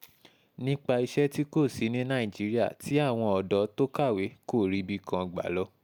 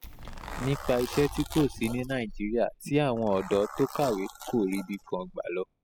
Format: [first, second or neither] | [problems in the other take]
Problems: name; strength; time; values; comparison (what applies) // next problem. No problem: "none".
first | noise reduction (classical method spectral subtraction)